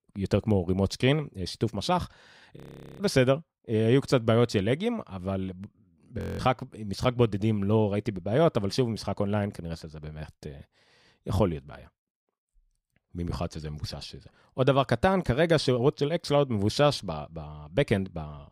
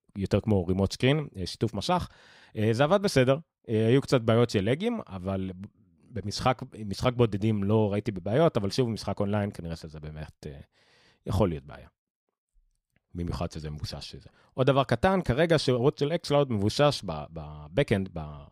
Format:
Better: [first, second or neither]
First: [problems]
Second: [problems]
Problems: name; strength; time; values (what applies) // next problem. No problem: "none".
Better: second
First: audio freezing; at 2.5 s and at 6 s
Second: none